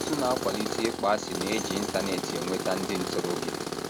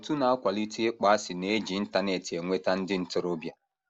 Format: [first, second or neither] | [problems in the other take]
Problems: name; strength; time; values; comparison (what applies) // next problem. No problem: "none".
second | background sound (Tools); 1 dB below the speech